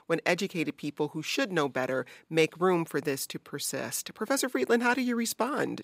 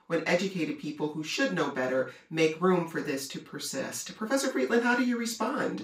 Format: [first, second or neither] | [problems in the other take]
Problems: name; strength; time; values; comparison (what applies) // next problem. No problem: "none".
first | room echo; slight; dies away in 0.3 s // off-mic speech; far